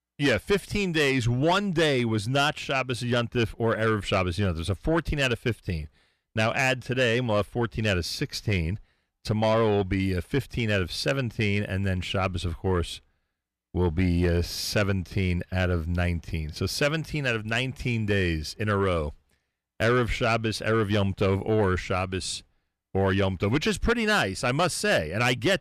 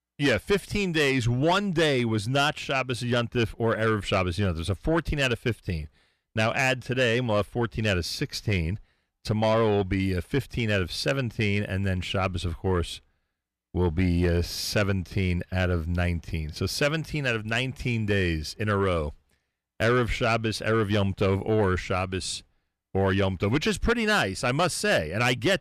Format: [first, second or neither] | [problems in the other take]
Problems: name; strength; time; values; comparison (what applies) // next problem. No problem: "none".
neither | distortion; slight; 10 dB below the speech; the same in both